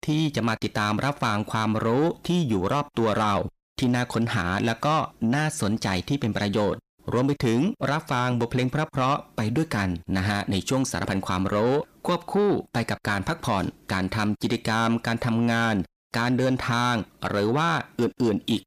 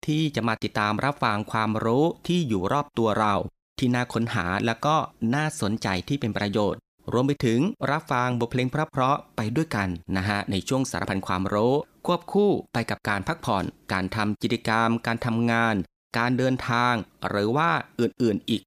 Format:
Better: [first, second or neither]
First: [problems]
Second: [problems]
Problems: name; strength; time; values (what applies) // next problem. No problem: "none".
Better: second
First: distortion; slight; 10 dB below the speech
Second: none